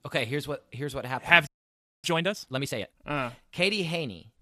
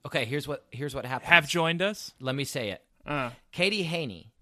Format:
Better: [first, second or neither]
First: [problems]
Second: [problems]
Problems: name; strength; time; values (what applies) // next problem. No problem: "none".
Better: second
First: audio freezing; at 1.5 s for 0.5 s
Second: none